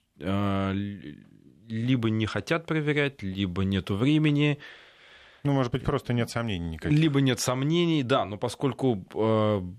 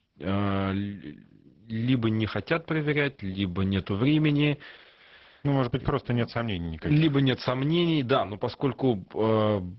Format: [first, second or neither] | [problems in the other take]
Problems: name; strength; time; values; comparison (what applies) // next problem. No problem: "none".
first | garbled, watery; badly; nothing above 5.5 kHz